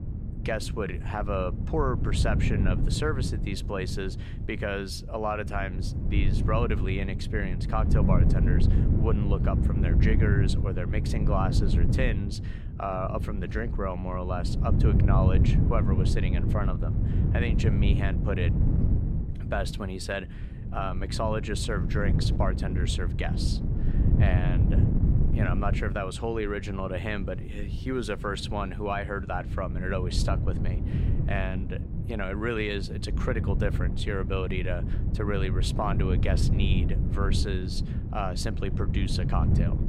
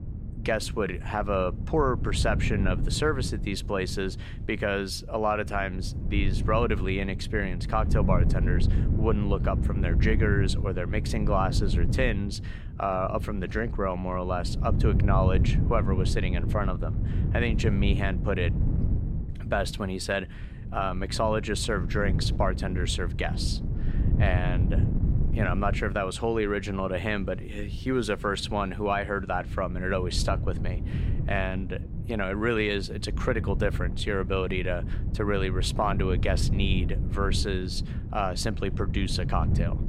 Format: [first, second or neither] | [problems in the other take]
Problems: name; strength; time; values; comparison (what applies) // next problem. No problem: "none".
second | wind noise on the microphone; heavy; 7 dB below the speech; occasional gusts in the second